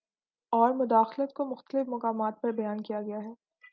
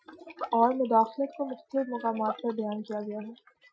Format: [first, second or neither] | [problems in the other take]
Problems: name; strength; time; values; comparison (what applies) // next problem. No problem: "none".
first | noise reduction (classical method Wiener filter)